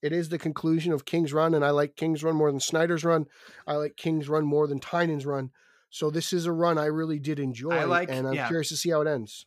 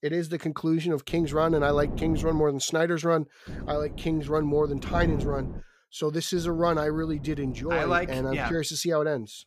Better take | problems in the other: first | wind noise on the microphone; occasional gusts; from 1 to 2.5 s, from 3.5 to 5.5 s and from 6.5 to 8.5 s; 15 dB below the speech

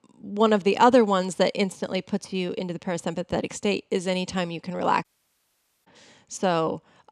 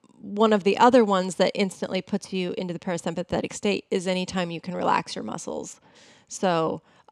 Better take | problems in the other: second | audio cutting out; at 5 s for 1 s

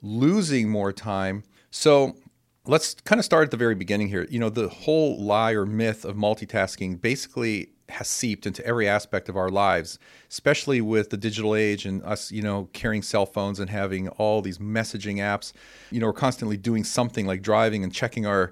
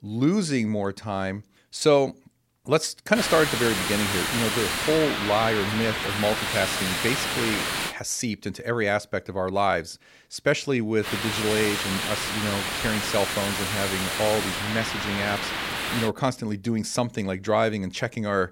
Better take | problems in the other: first | hiss; loud; from 3 to 8 s and from 11 to 16 s; as loud as the speech

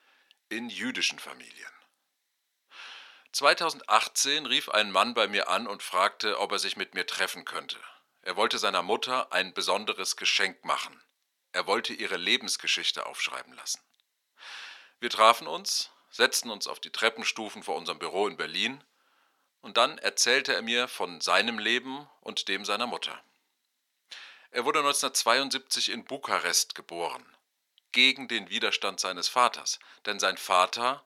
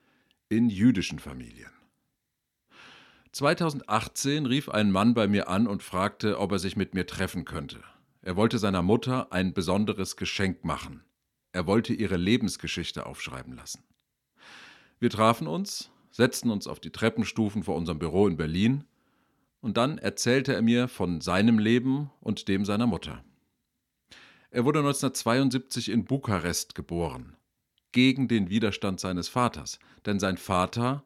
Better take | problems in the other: second | thin; very; fading below 750 Hz

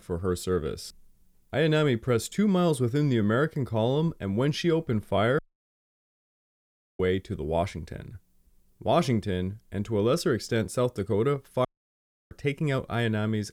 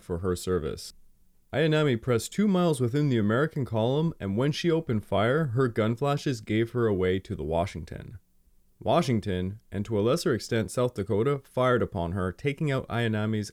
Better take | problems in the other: second | audio cutting out; at 5.5 s for 1.5 s and at 12 s for 0.5 s

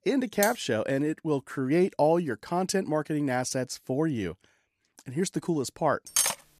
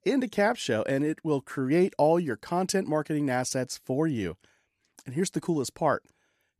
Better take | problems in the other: second | clattering dishes; noticeable; at 0.5 s; peak 5 dB below the speech // clattering dishes; loud; at 6 s; peak 3 dB above the speech

